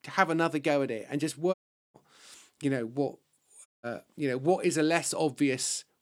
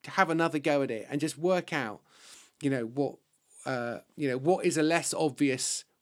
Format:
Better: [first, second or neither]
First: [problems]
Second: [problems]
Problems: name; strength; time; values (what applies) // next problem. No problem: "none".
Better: second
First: audio cutting out; at 1.5 s and at 3.5 s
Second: none